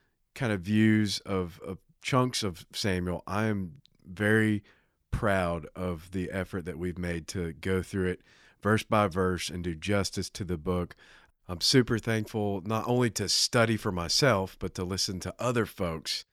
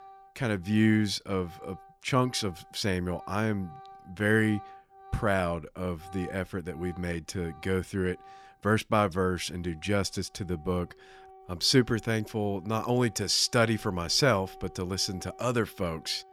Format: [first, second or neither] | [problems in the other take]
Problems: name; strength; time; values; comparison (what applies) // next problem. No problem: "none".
first | background music; faint; throughout; 25 dB below the speech